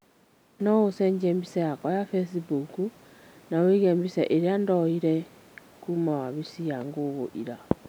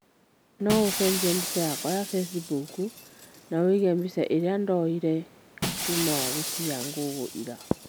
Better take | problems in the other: first | background sound (Shatter); 7 dB below the speech

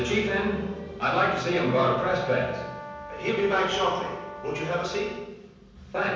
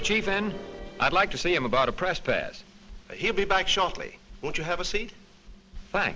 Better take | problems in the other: second | background sound (Brass instrument); 14 dB below the speech // room echo; dies away in 1.1 s

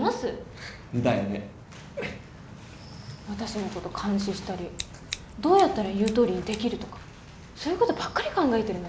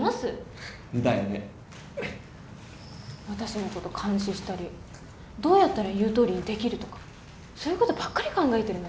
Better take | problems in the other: second | background sound (Scissors); 14 dB below the speech

